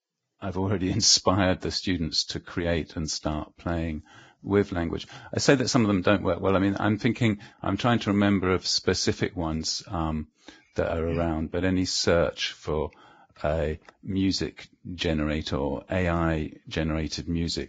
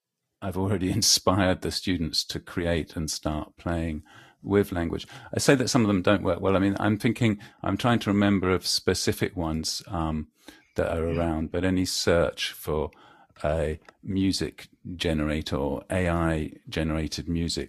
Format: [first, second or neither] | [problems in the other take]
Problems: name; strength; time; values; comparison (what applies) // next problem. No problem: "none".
second | garbled, watery; badly; nothing above 7.5 kHz; slightly in the second